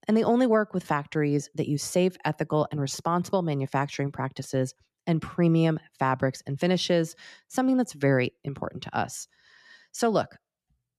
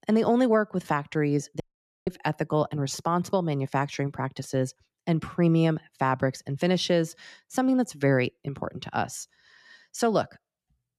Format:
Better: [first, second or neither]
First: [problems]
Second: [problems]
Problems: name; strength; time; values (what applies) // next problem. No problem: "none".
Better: first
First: none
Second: audio cutting out; at 1.5 s